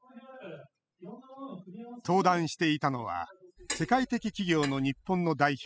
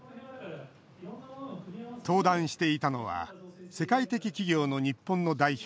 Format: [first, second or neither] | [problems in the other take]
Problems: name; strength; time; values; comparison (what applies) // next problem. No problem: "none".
second | noise reduction (classical method spectral subtraction)